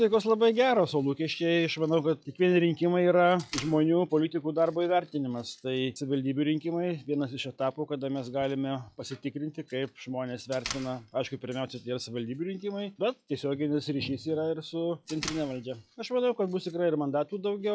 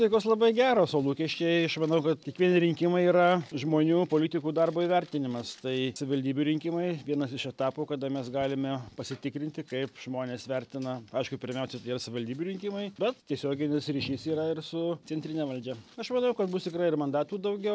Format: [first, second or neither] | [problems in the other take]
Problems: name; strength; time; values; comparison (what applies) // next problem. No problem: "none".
second | noise reduction (classical method log-MMSE)